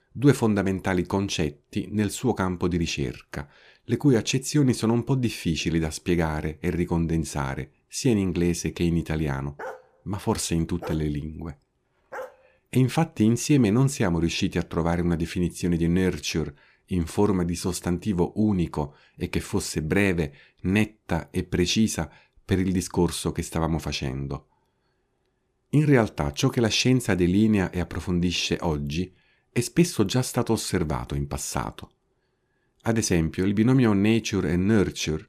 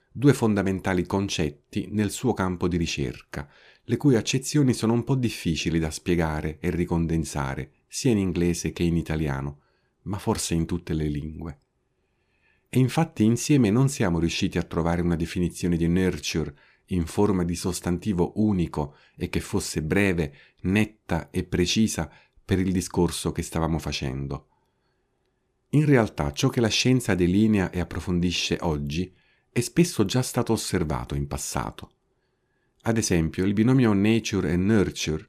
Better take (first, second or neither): second